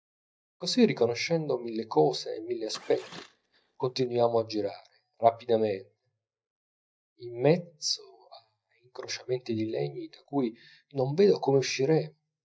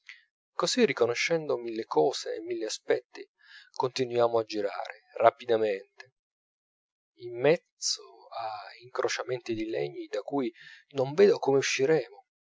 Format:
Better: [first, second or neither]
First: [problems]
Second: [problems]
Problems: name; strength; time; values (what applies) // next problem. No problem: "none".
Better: second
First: noise reduction (neural mask model DeepFilterNet 3)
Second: none